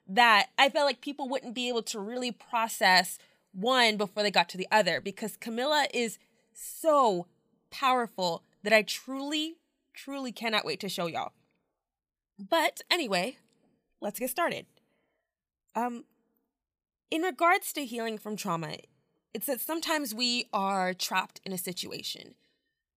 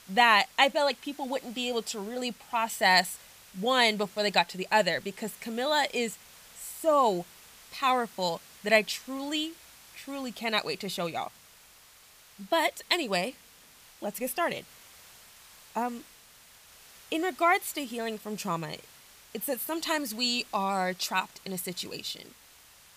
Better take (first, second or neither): first